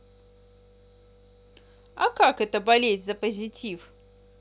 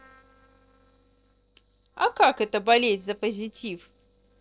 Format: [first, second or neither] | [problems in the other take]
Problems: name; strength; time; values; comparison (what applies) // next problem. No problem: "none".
first | noise reduction (neural separator model SepFormer DNS4)